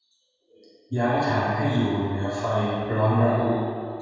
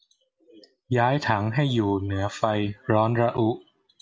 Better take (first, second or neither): second